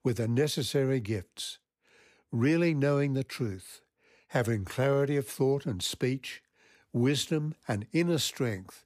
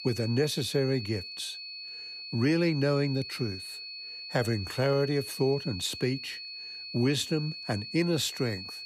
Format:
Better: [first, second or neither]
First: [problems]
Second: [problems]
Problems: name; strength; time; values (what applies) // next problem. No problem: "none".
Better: first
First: none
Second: high-pitched whine; loud; throughout; 4.5 kHz, 9 dB below the speech